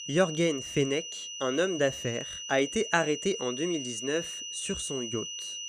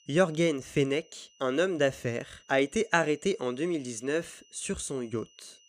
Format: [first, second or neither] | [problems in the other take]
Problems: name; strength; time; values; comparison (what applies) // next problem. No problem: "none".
second | high-pitched whine; loud; throughout; 3 kHz, 6 dB below the speech; faint in the second